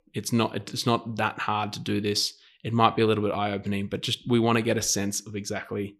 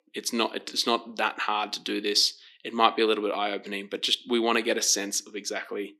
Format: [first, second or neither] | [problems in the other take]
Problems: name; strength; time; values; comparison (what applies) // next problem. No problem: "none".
first | thin; somewhat; fading below 250 Hz